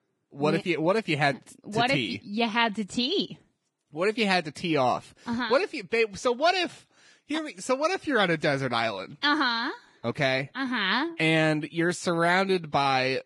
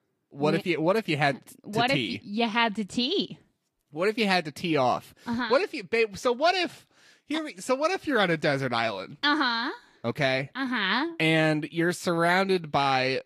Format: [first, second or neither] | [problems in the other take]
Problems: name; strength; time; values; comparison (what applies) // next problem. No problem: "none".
second | garbled, watery; badly; nothing above 10.5 kHz; slightly in the second